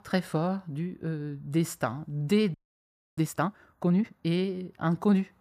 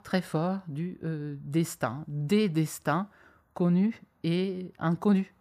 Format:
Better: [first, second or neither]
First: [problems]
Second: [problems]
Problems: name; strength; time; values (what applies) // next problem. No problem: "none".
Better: second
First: audio freezing; at 2.5 s for 0.5 s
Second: none